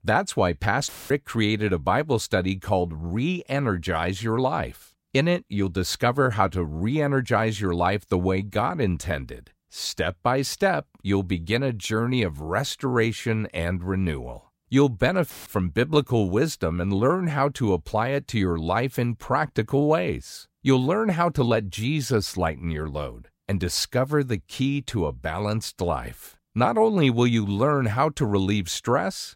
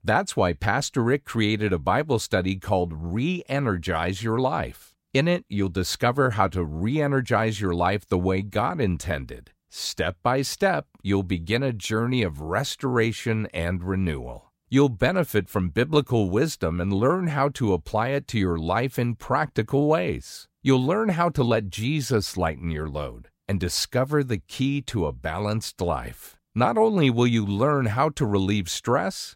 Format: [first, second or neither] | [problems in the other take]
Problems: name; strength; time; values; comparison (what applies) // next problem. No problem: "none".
second | audio cutting out; filled with static; at 1 s and at 15 s